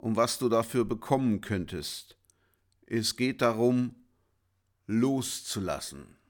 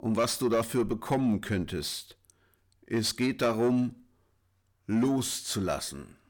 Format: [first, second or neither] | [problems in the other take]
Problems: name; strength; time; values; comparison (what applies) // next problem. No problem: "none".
first | distortion; slight; 10 dB below the speech